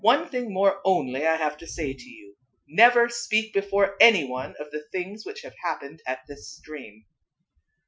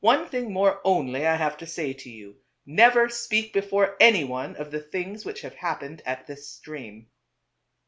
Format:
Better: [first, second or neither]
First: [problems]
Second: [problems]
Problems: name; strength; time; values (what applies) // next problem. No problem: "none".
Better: second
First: noise reduction (classical method Wiener filter)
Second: none